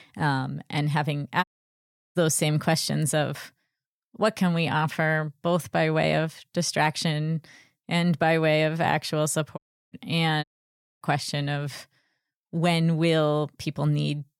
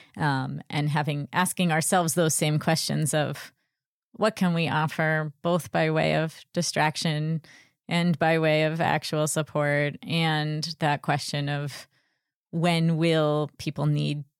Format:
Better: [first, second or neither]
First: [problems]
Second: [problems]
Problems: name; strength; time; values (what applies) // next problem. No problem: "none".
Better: second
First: audio cutting out; at 1.5 s for 0.5 s, at 9.5 s and at 10 s for 0.5 s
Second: none